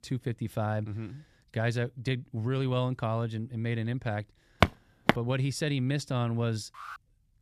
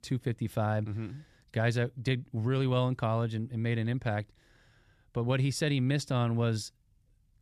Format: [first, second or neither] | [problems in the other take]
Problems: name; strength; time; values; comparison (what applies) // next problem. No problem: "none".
second | footsteps; loud; at 4.5 s; peak 4 dB above the speech // alarm; faint; at 6.5 s; peak 15 dB below the speech